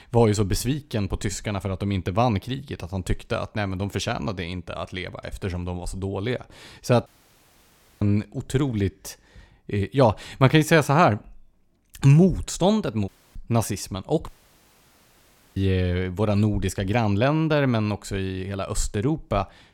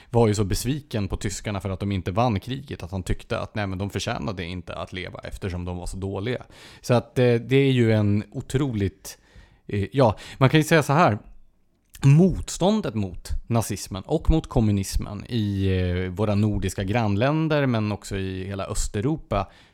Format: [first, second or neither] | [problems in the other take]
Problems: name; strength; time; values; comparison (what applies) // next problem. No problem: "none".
second | audio cutting out; at 7 s for 1 s, at 13 s and at 14 s for 1.5 s